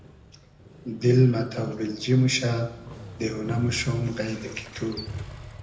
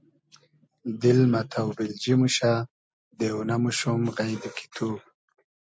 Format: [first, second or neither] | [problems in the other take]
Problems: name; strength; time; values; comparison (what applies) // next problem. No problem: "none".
second | background sound (Motorcycle); 15 dB below the speech // room echo; dies away in 0.7 s